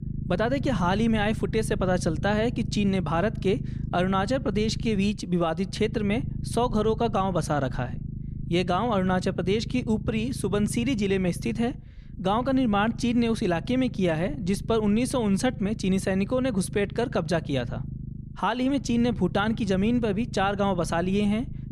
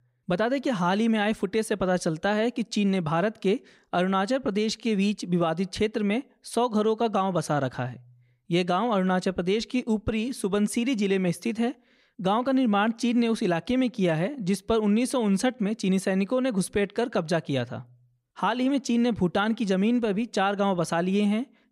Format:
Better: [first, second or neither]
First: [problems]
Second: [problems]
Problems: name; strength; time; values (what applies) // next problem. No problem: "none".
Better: second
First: low rumble; noticeable; throughout; 15 dB below the speech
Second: none